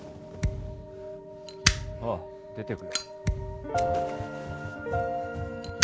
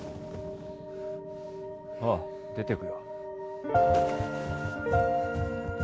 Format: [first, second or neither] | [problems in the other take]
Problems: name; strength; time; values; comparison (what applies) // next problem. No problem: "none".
second | background sound (Thump, thud + Fire); as loud as the speech